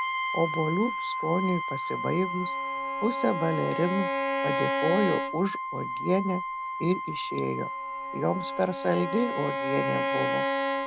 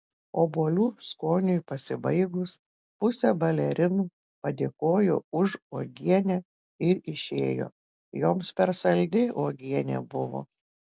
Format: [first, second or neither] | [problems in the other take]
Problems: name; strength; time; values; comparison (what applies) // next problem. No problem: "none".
second | background sound (Bowed string instrument + Brass instrument); 1 dB below the speech